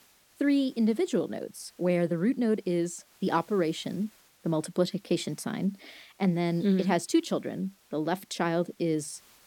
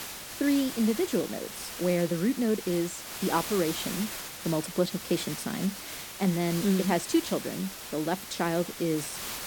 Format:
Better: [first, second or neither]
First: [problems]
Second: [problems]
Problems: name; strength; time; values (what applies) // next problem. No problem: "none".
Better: first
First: hiss; faint; throughout; 30 dB below the speech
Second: hiss; loud; throughout; 7 dB below the speech